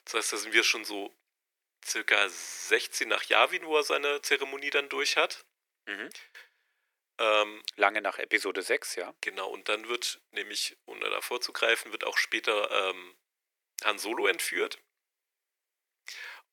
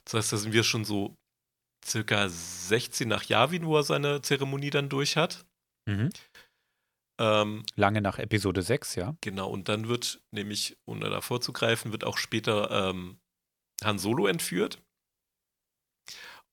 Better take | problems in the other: second | thin; very; fading below 350 Hz

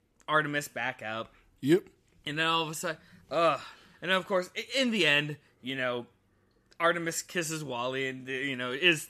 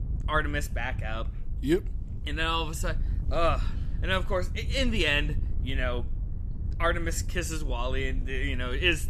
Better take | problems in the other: first | wind noise on the microphone; occasional gusts; 20 dB below the speech

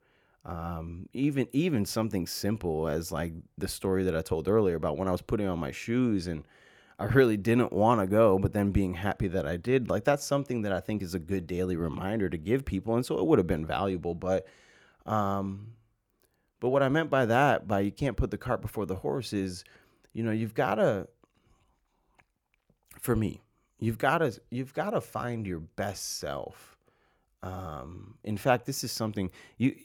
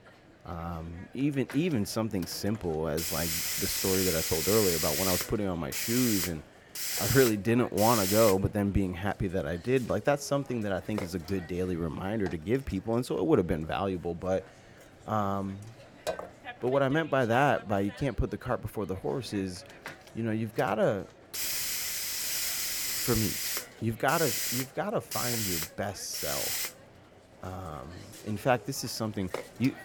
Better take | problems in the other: first | hiss; loud; throughout; 1 dB below the speech

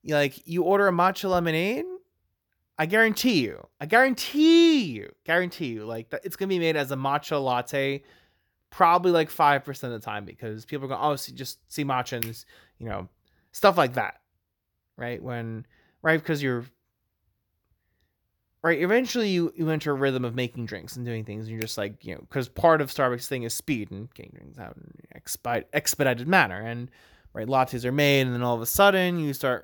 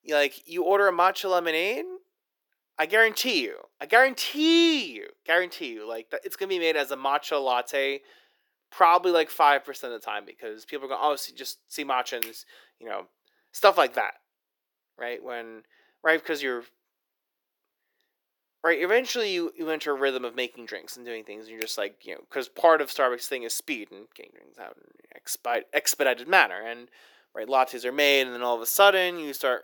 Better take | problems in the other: first | thin; somewhat; fading below 350 Hz

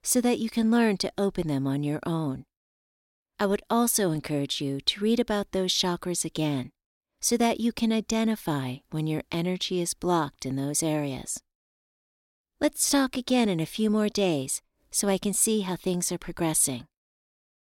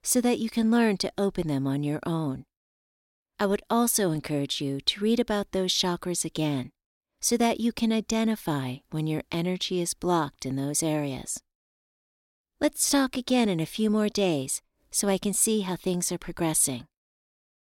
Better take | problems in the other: neither | none

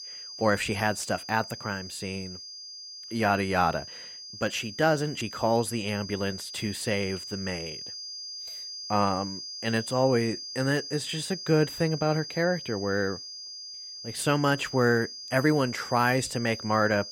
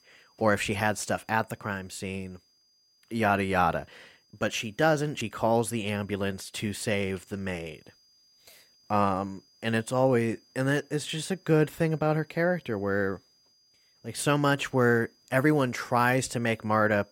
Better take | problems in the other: second | high-pitched whine; loud; throughout; 5 kHz, 10 dB below the speech; faint in the second

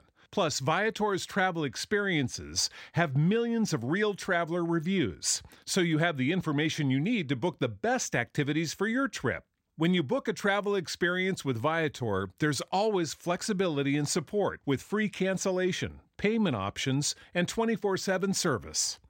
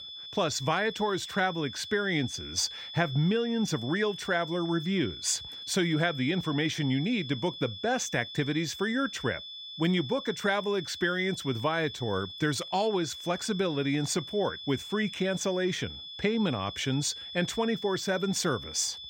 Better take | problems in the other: first | high-pitched whine; loud; throughout; 3.5 kHz, 10 dB below the speech

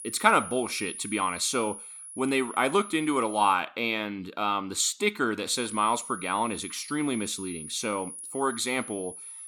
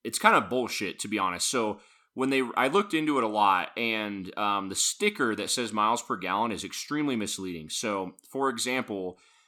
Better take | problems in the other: second | high-pitched whine; noticeable; until 3.5 s and from 5.5 s on; 10.5 kHz, 10 dB below the speech

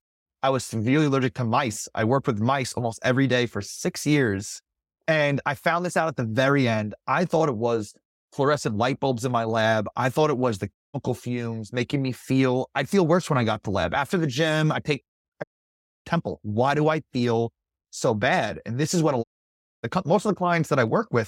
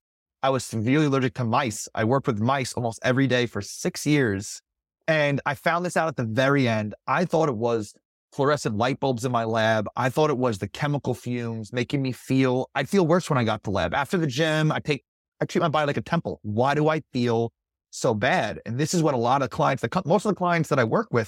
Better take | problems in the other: second | audio cutting out; at 11 s, at 15 s for 0.5 s and at 19 s for 0.5 s

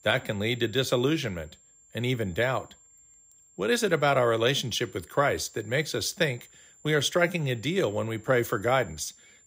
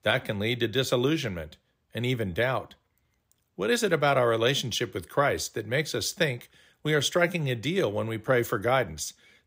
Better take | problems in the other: second | high-pitched whine; faint; throughout; 7.5 kHz, 25 dB below the speech

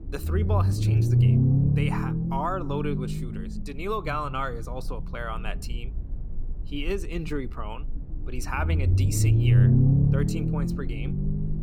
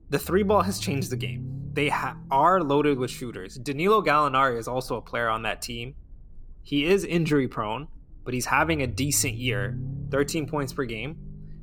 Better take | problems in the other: second | low rumble; loud; throughout; 1 dB below the speech; faint in the second

